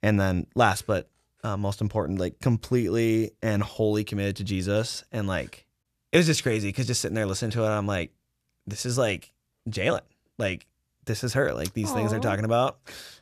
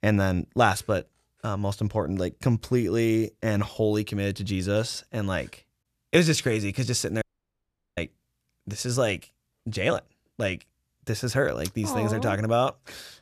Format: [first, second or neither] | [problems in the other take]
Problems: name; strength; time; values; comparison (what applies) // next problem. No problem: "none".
first | audio cutting out; at 7 s for 1 s